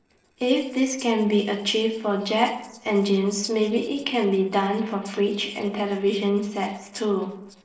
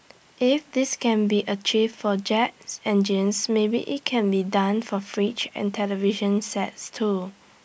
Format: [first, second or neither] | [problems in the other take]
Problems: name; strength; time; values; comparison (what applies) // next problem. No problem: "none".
second | noise reduction (neural separator model SepFormer DNS4)